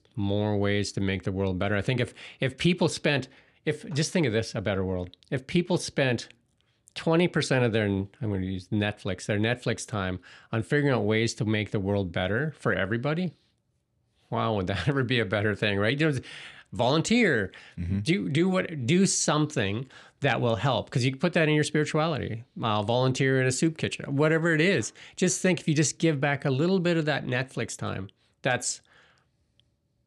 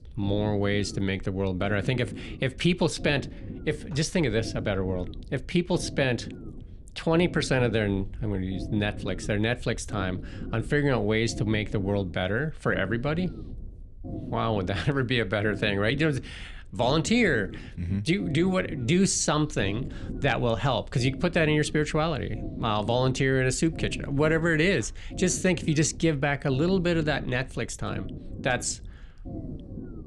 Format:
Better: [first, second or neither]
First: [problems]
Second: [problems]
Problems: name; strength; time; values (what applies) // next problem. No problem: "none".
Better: first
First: none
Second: low rumble; noticeable; throughout; 20 dB below the speech